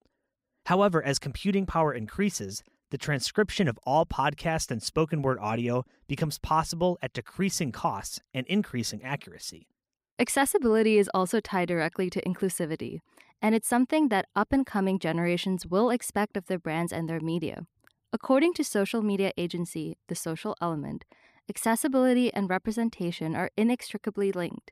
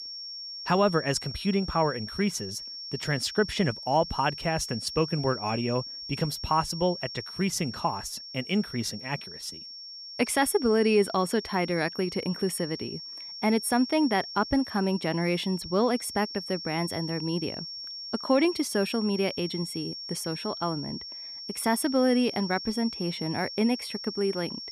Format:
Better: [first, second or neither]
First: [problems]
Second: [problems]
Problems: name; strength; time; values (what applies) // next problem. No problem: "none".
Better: first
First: none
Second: high-pitched whine; loud; throughout; 5.5 kHz, 9 dB below the speech